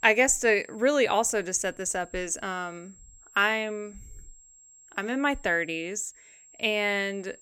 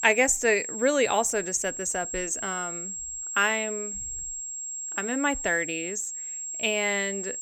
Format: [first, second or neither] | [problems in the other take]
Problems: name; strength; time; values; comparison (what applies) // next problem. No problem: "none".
first | high-pitched whine; loud; throughout; 7.5 kHz, 6 dB below the speech; faint in the first